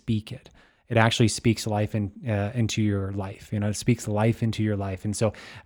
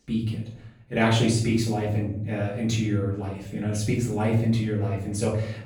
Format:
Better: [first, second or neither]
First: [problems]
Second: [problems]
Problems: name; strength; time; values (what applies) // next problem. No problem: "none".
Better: first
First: none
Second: off-mic speech; far // room echo; noticeable; dies away in 0.6 s